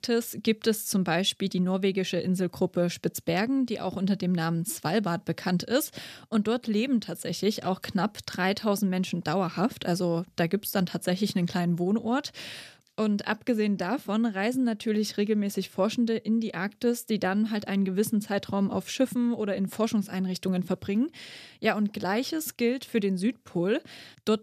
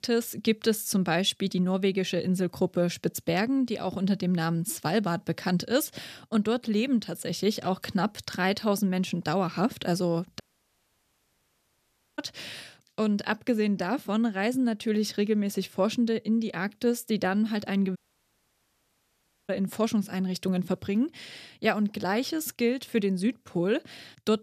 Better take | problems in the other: first | audio cutting out; at 10 s for 2 s and at 18 s for 1.5 s

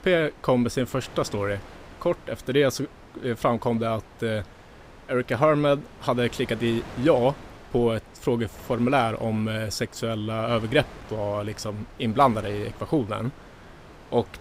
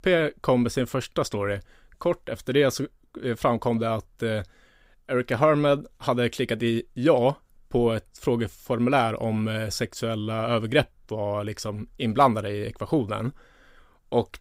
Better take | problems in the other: second | wind noise on the microphone; occasional gusts; 20 dB below the speech

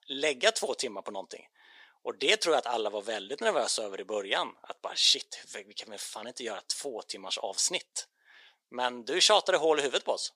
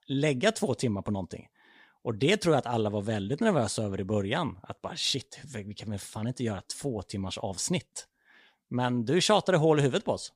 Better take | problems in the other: second | thin; very; fading below 450 Hz

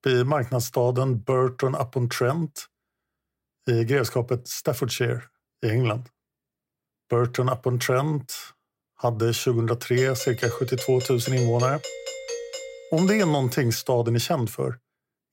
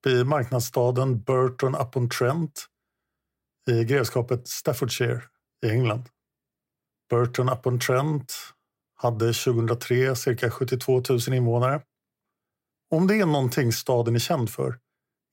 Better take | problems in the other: second | doorbell; noticeable; from 10 to 13 s; peak 8 dB below the speech

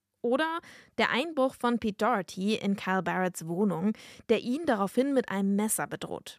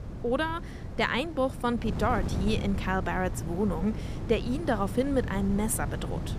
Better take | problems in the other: first | wind noise on the microphone; occasional gusts; 15 dB below the speech

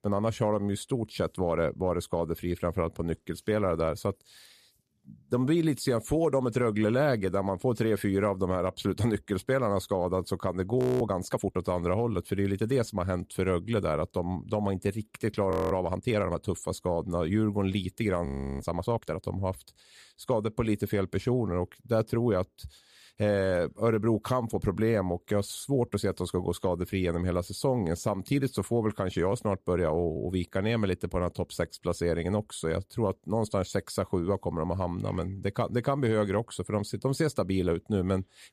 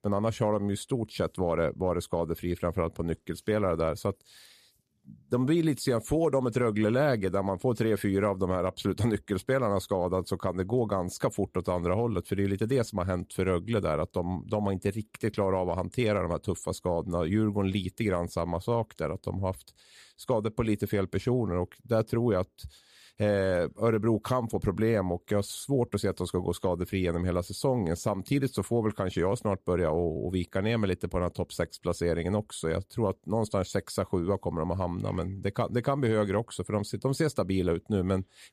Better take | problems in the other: second | audio freezing; at 11 s, at 16 s and at 18 s

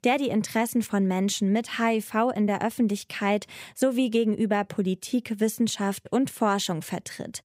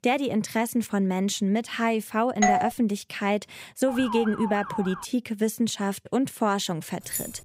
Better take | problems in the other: first | doorbell; loud; at 2.5 s; peak 3 dB above the speech // siren; noticeable; from 4 to 5 s; peak 7 dB below the speech // jangling keys; noticeable; at 7 s; peak 5 dB below the speech

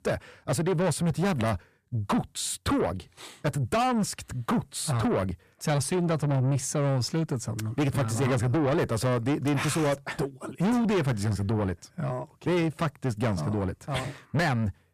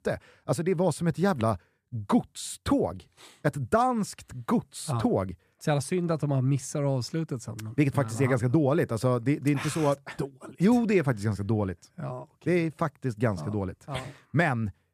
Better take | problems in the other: second | distortion; heavy; 7 dB below the speech

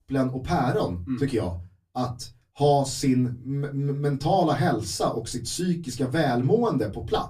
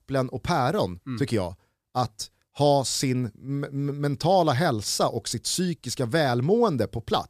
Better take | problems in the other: second | off-mic speech; far // room echo; very slight; dies away in 0.3 s

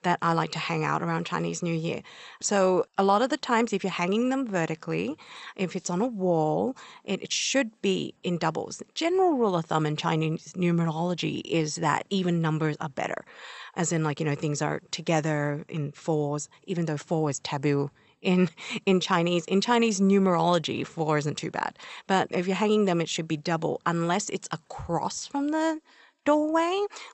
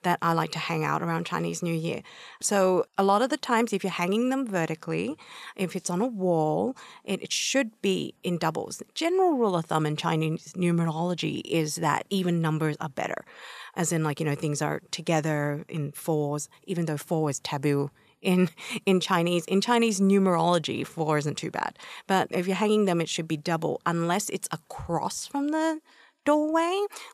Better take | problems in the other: second | garbled, watery; slightly; nothing above 8 kHz

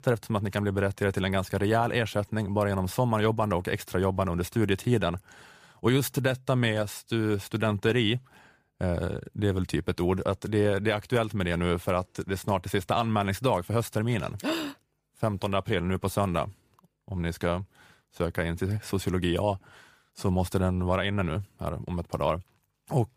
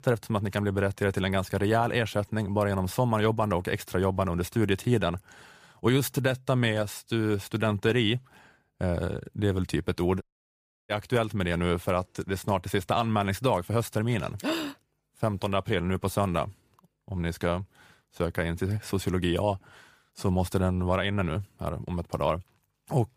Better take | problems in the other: first | audio cutting out; at 10 s for 0.5 s

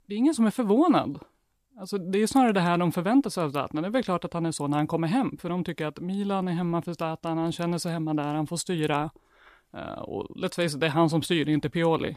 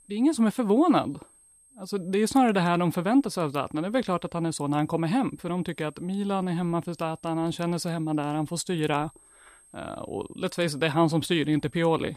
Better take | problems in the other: first | high-pitched whine; faint; throughout; 8.5 kHz, 30 dB below the speech

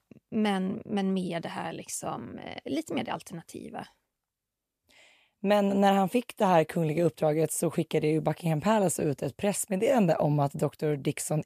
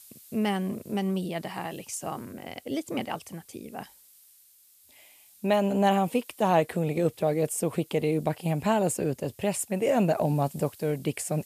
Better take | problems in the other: first | hiss; faint; throughout; 25 dB below the speech

